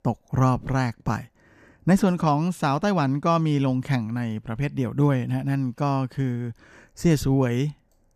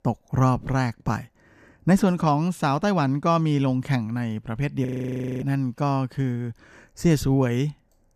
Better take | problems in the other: first | audio freezing; at 5 s for 0.5 s

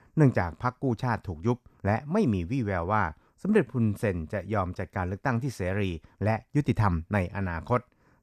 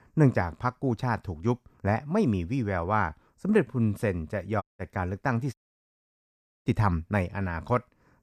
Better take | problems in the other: first | audio cutting out; at 4.5 s and at 5.5 s for 1 s

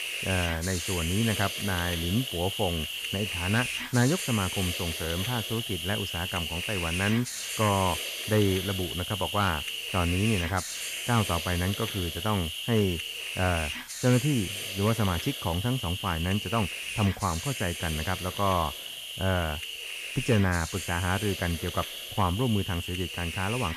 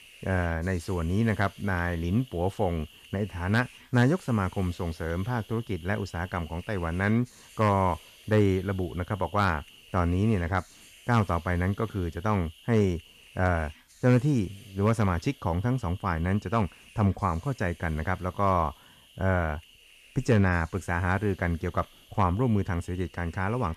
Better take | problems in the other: second | hiss; loud; throughout; 3 dB below the speech; faint in the second

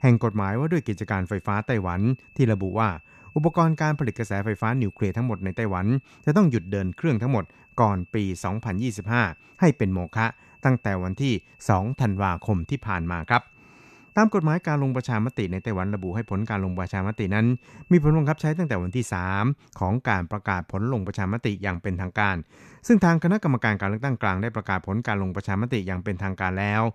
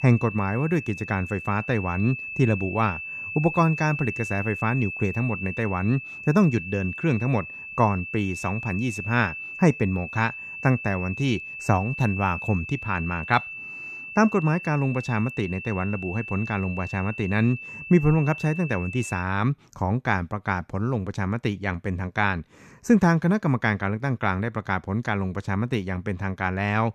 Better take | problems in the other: first | high-pitched whine; loud; until 19 s; 2.5 kHz, 9 dB below the speech; faint in the first

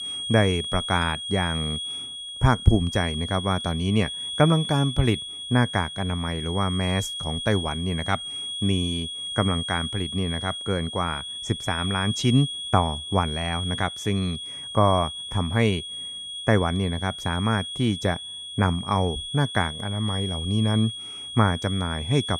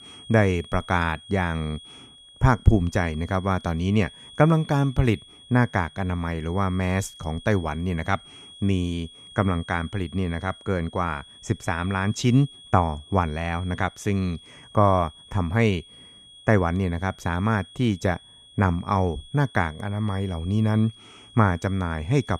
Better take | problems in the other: second | high-pitched whine; loud; throughout; 3.5 kHz, 6 dB below the speech; faint in the second

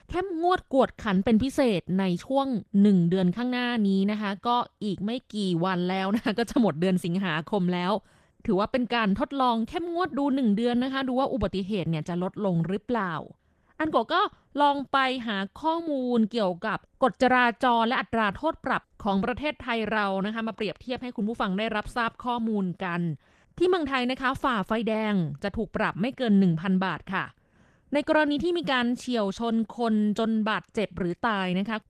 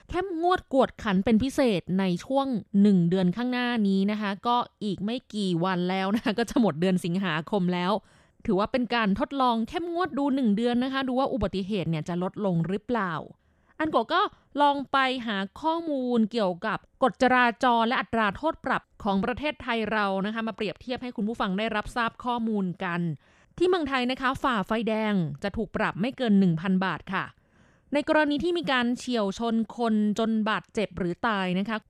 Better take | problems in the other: second | garbled, watery; slightly; nothing above 14 kHz

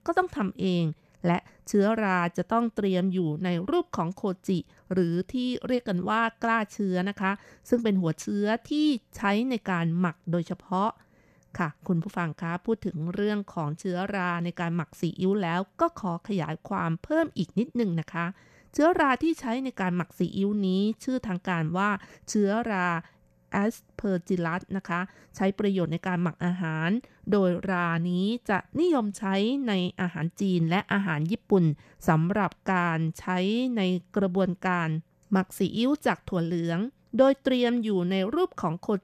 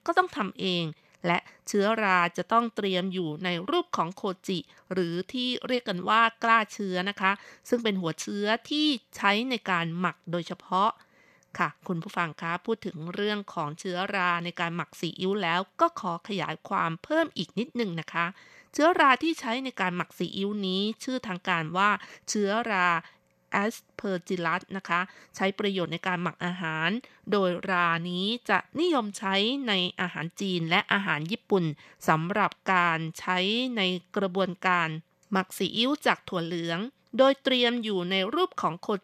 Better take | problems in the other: first | thin; very slightly; fading below 350 Hz

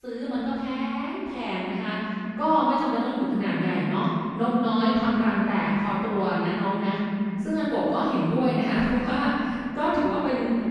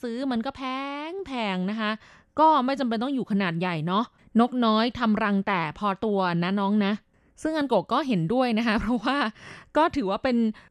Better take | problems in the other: second | off-mic speech; far // room echo; strong; dies away in 2.5 s

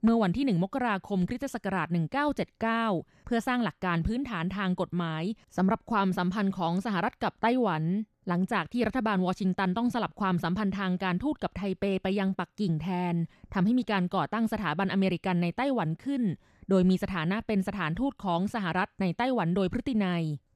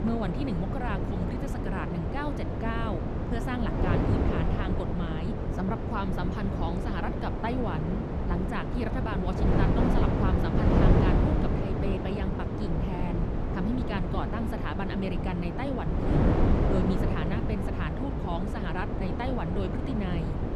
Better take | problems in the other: first | wind noise on the microphone; heavy; 2 dB above the speech

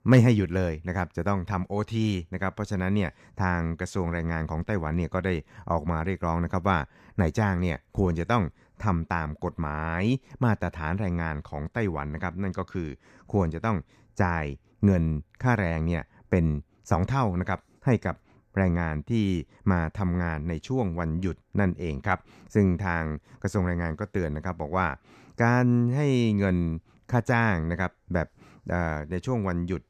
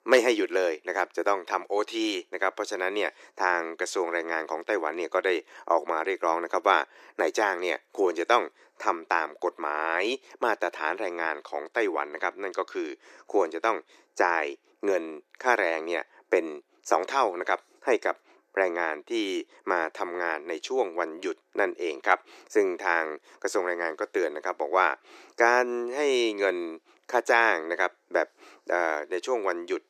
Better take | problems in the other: first | thin; very; fading below 350 Hz

